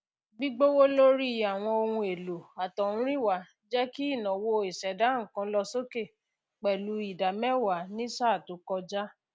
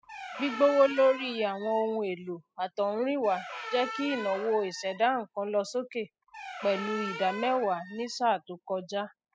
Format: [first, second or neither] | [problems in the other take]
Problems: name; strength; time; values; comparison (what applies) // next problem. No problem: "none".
first | noise reduction (classical method spectral subtraction)